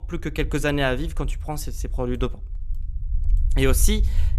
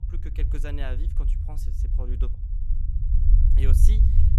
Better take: first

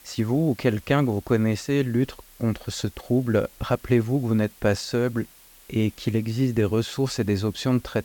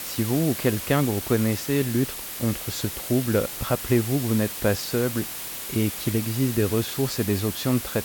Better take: first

